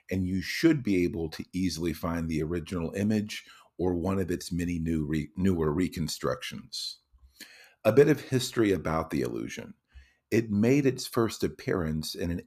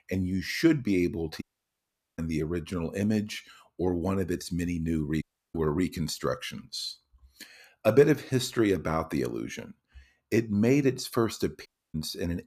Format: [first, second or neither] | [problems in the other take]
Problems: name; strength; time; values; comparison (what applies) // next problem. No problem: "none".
first | audio cutting out; at 1.5 s for 1 s, at 5 s and at 12 s